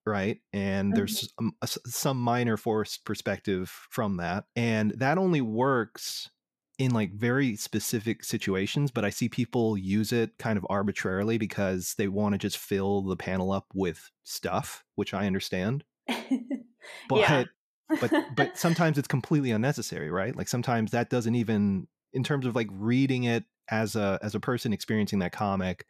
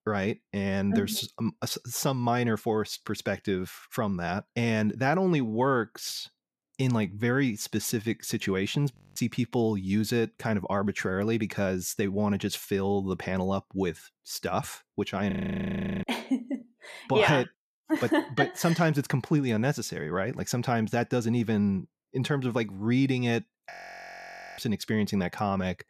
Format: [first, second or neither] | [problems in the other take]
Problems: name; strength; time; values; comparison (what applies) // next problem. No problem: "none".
first | audio freezing; at 9 s, at 15 s for 0.5 s and at 24 s for 1 s